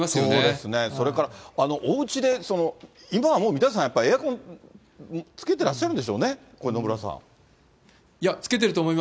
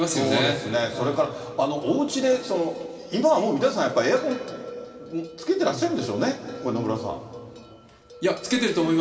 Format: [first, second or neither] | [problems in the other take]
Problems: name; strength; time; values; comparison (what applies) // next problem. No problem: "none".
first | background sound (Bell); 18 dB below the speech // room echo; dies away in 2.5 s